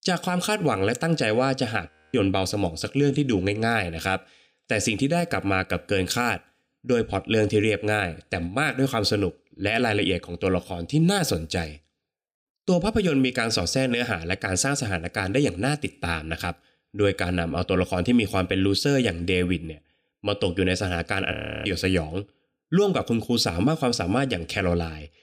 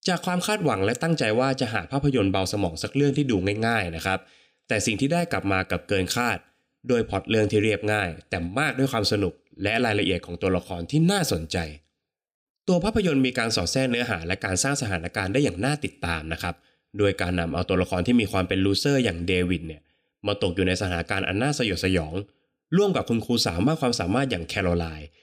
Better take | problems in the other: second | audio freezing; at 2 s and at 21 s

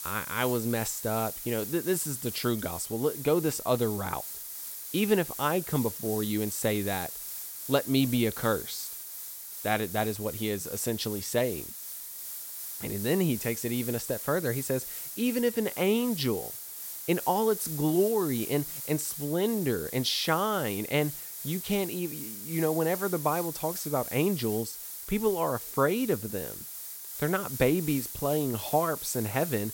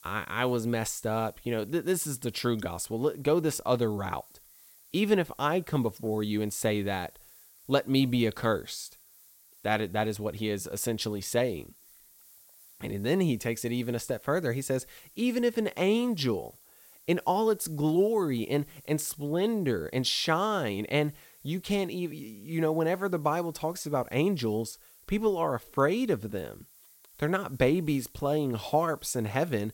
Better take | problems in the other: second | hiss; loud; throughout; 7 dB below the speech; faint in the second

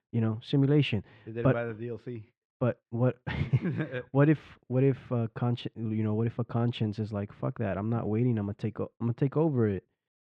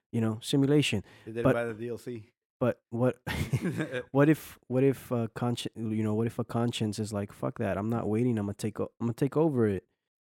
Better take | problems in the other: second | muffled; slightly; fading above 3.5 kHz

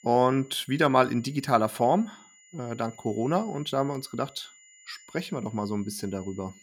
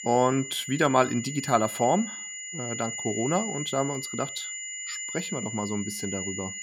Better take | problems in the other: first | high-pitched whine; loud; throughout; 7 kHz, 6 dB below the speech; faint in the first

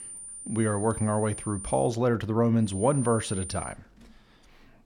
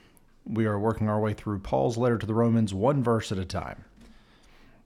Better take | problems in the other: second | high-pitched whine; noticeable; until 2 s and from 2.5 to 3.5 s; 9 kHz, 10 dB below the speech

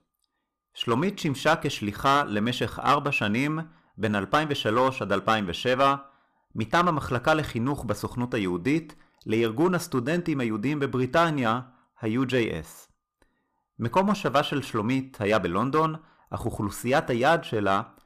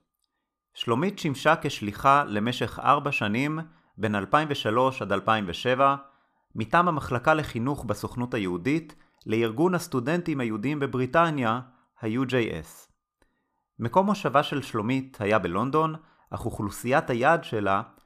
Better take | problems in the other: second | distortion; slight; 3% of the sound clipped

